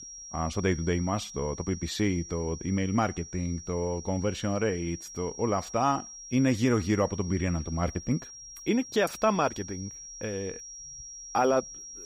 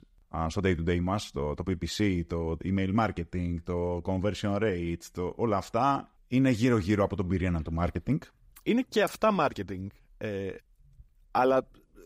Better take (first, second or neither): second